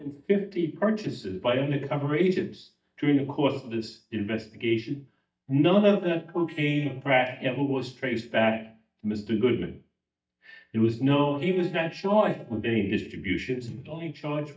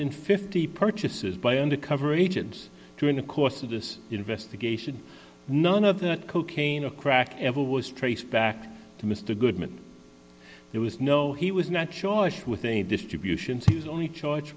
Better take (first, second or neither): second